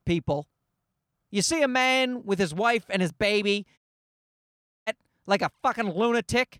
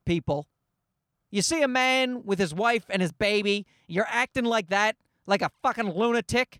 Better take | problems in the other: second | audio cutting out; at 4 s for 1 s

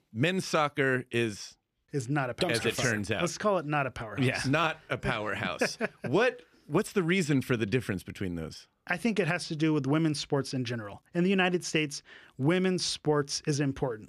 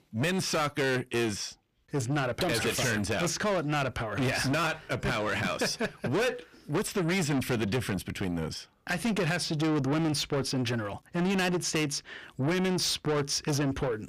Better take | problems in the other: first | distortion; heavy; 6 dB below the speech

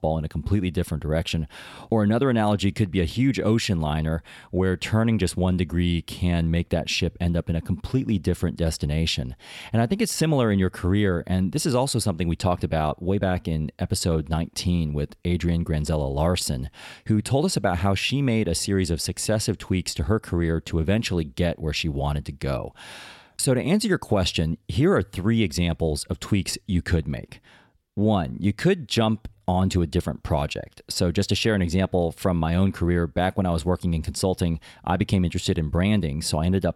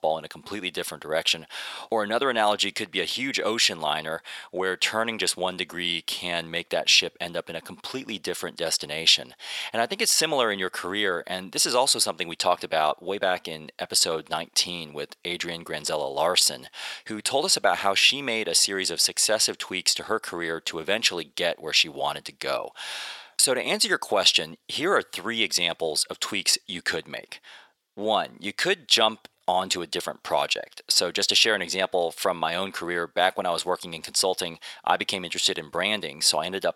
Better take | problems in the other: first | thin; very; fading below 650 Hz

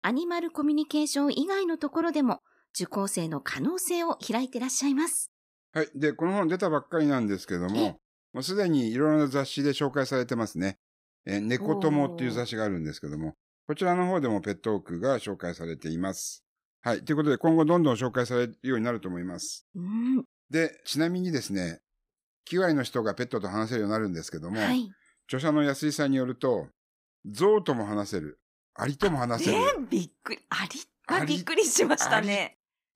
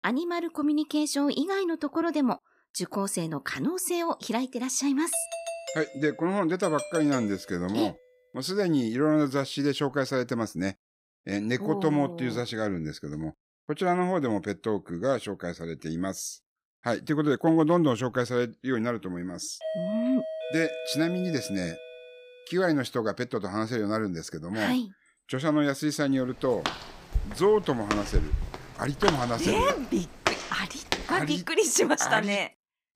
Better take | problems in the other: first | doorbell; noticeable; from 5 to 8 s and from 20 to 22 s; peak 4 dB below the speech // footsteps; noticeable; from 27 to 31 s; peak 1 dB below the speech

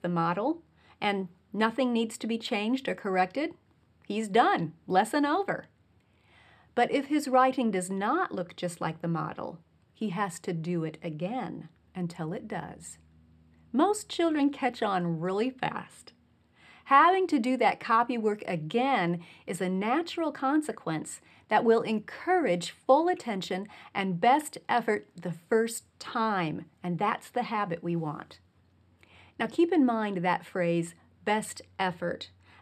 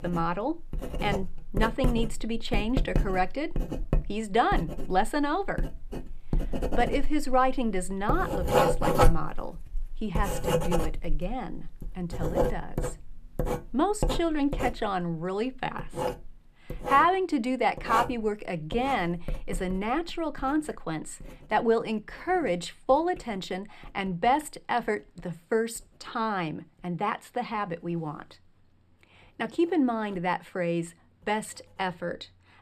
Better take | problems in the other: first | household noises; loud; throughout; 3 dB below the speech

